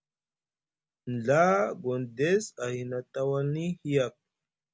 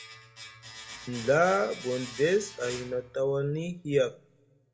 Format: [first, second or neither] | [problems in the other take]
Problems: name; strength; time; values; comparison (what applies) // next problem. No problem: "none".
first | background sound (Domestic sounds, home sounds); 17 dB below the speech // room echo; dies away in 0.3 s